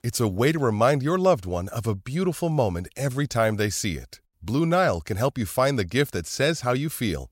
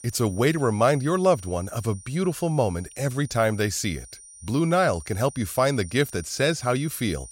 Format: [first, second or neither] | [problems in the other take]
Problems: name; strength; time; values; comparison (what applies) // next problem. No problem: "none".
first | high-pitched whine; noticeable; throughout; 9 kHz, 20 dB below the speech